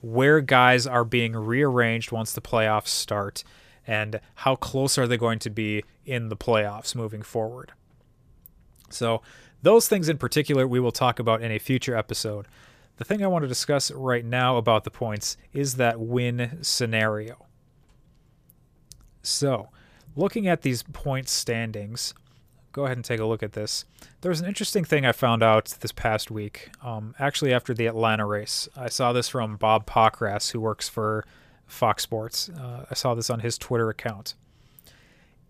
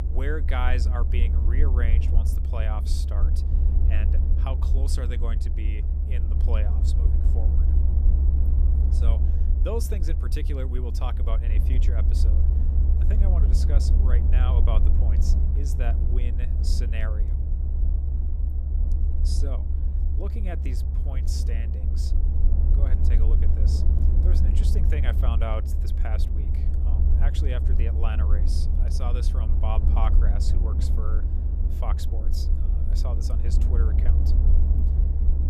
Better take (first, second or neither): first